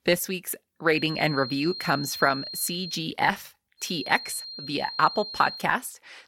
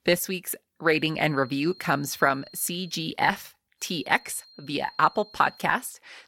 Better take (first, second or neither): second